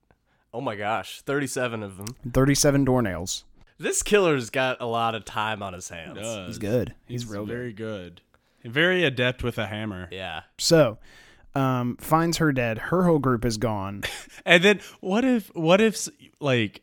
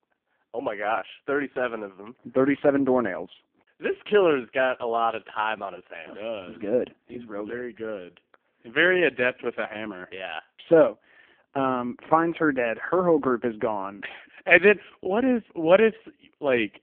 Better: first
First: none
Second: phone-call audio; poor line

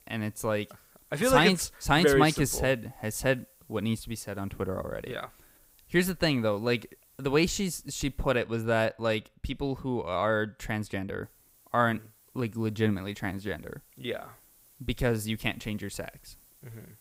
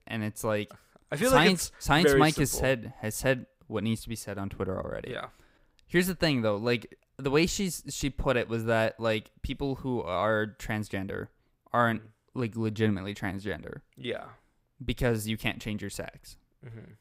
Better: second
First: hiss; faint; until 8.5 s and from 11 s on; 30 dB below the speech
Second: none

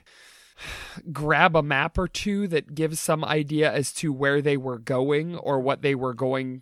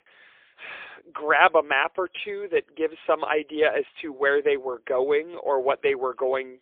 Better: first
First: none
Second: phone-call audio; poor line

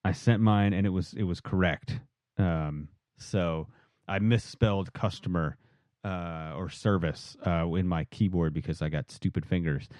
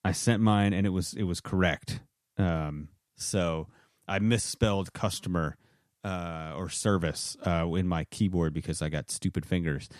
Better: second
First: muffled; slightly; fading above 3.5 kHz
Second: none

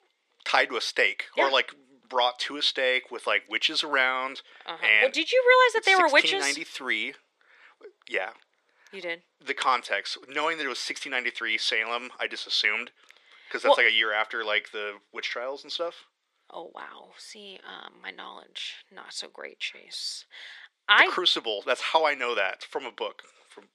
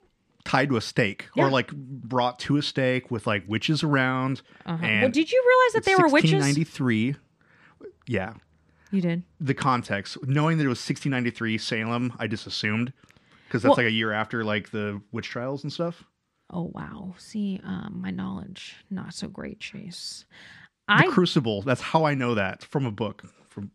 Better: second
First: thin; very; fading below 450 Hz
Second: none

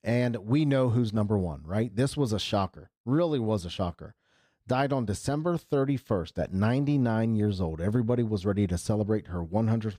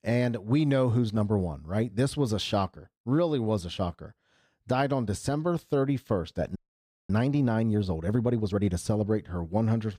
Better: first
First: none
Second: audio freezing; at 6.5 s for 0.5 s

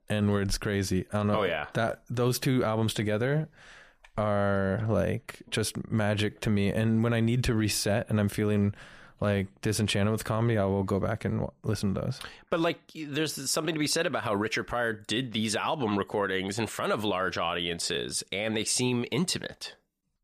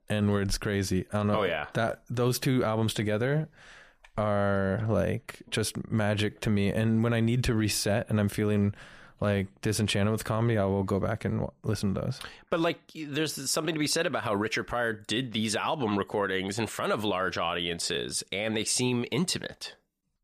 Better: neither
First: none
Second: none

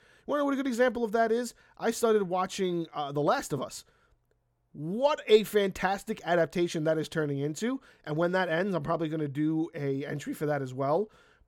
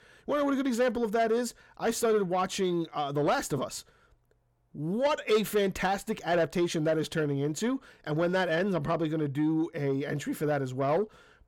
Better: first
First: none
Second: distortion; slight; 10 dB below the speech

